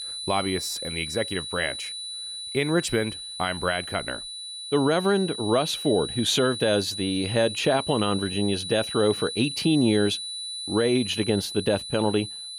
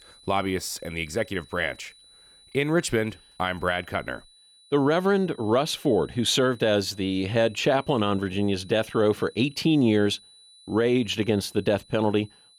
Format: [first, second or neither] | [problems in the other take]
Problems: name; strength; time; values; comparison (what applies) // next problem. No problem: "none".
second | high-pitched whine; loud; throughout; 4 kHz, 7 dB below the speech; faint in the second